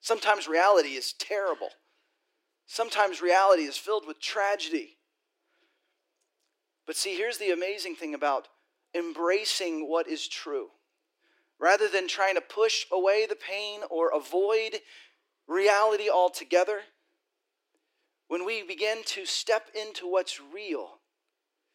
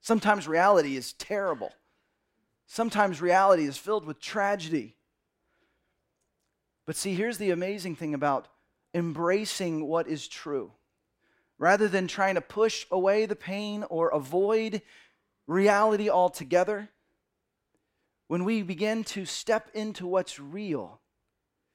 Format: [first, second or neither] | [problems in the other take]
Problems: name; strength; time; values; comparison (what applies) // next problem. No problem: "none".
second | thin; very; fading below 300 Hz